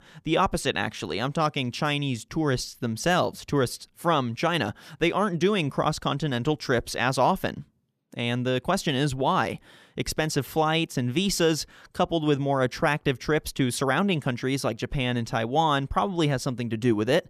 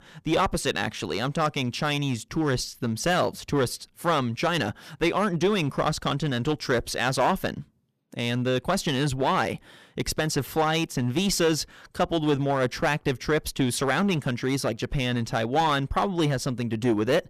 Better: first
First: none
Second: distortion; slight; 5% of the sound clipped

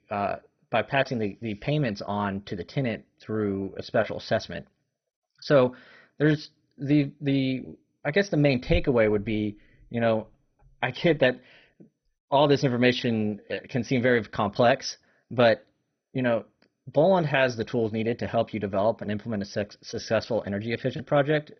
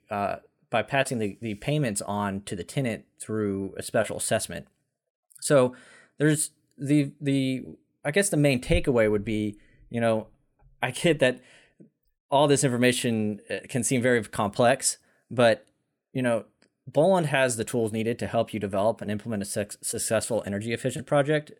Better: second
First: garbled, watery; badly; nothing above 6 kHz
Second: none

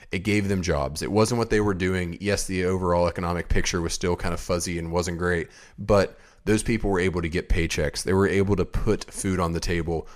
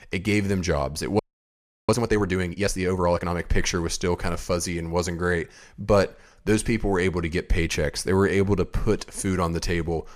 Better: first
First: none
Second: audio freezing; at 1 s for 0.5 s

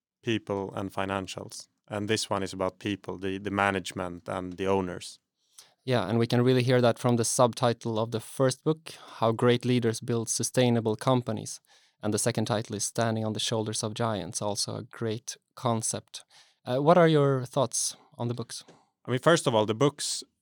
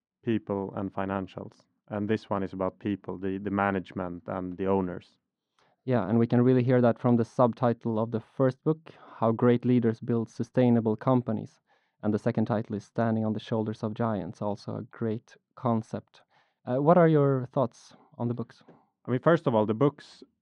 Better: first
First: none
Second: muffled; very; fading above 1.5 kHz

